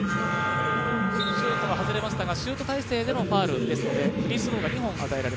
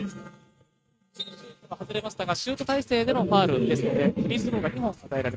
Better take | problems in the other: first | noise reduction (neural mask model RNNoise)

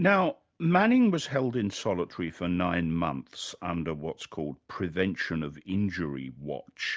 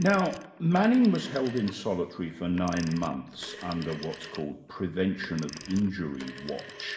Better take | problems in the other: first | background sound (Telephone); 17 dB below the speech // room echo; dies away in 1.8 s

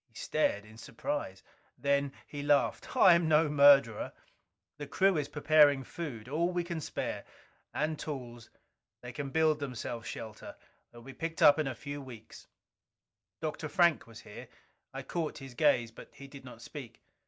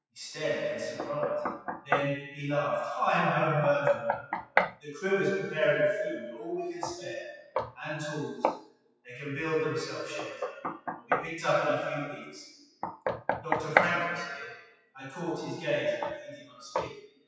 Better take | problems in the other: first | noise reduction (classical method WPE with log-MMSE)

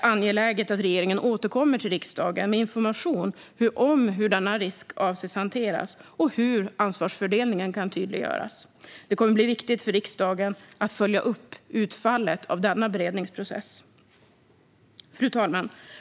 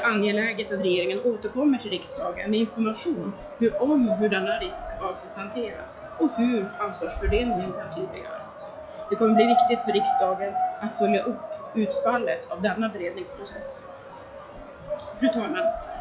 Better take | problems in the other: first | noise reduction (classical method log-MMSE)

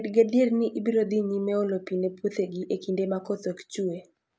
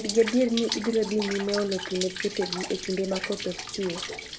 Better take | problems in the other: first | background sound (Rain); 8 dB below the speech

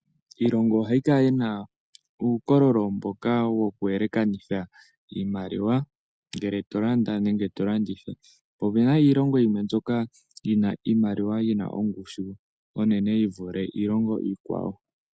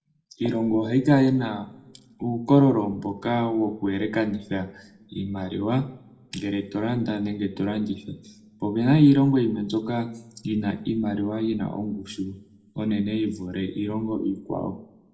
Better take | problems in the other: first | room echo; dies away in 0.4 s

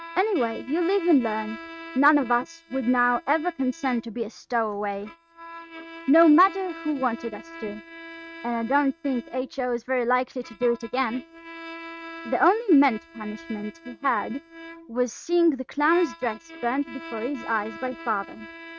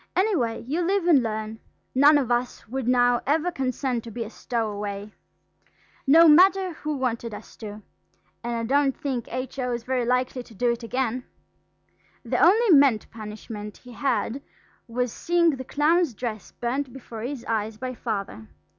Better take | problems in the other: second | noise reduction (neural mask model RNNoise)

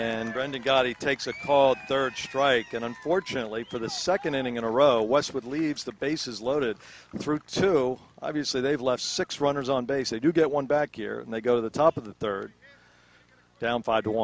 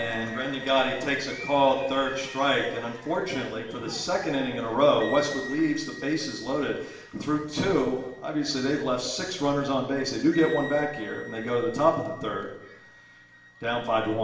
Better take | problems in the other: first | background sound (Wind instrument, woodwind instrument); 17 dB below the speech // room echo; dies away in 0.8 s

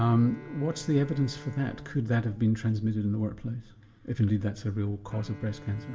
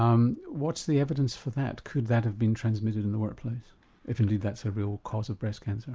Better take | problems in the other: second | background sound (Bowed string instrument); 19 dB below the speech // room echo; dies away in 1 s

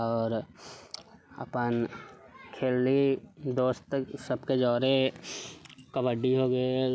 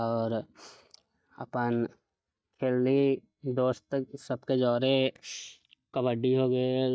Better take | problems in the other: first | noise reduction (neural mask model DeepFilterNet 3)

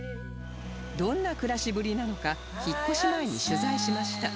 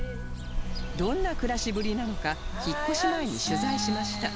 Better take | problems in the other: first | background sound (Cricket / Bird); 5 dB below the speech

